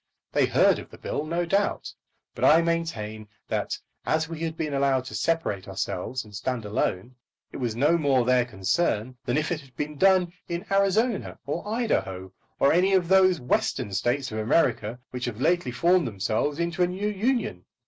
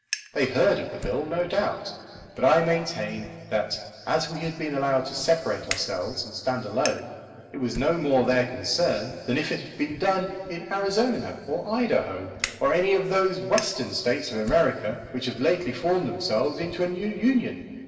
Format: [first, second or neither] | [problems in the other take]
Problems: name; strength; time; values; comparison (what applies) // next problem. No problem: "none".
first | background sound (Fire); 16 dB below the speech // room echo; dies away in 2.7 s